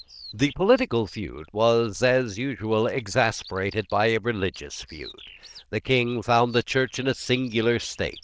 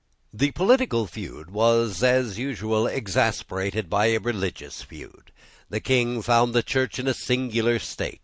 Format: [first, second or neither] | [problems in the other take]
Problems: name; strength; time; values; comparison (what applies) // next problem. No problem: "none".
second | noise reduction (neural diffusion model UNIVERSE++)